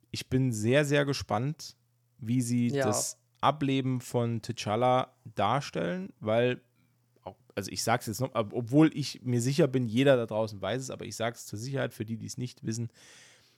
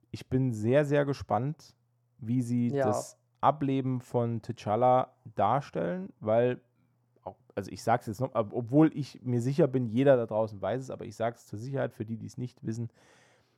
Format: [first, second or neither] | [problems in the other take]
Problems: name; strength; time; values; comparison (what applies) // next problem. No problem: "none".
first | muffled; slightly; fading above 2 kHz